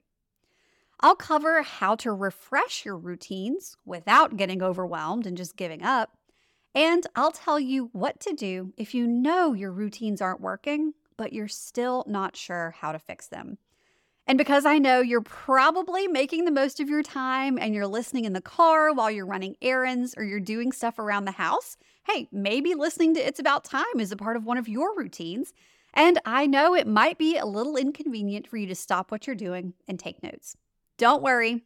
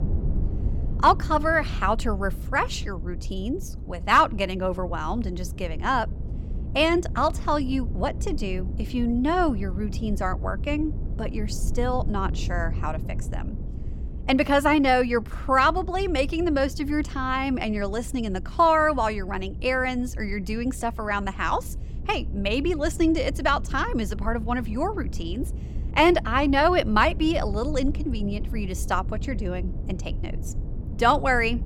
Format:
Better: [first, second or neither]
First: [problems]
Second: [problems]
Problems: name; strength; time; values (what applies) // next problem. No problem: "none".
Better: first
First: none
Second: low rumble; faint; throughout; 20 dB below the speech